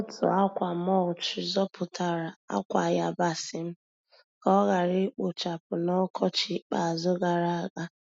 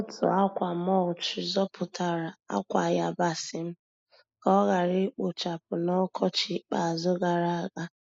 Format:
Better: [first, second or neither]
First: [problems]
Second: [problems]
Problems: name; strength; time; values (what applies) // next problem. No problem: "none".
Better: first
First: none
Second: noise reduction (neural mask model Resemble Enhance denoiser)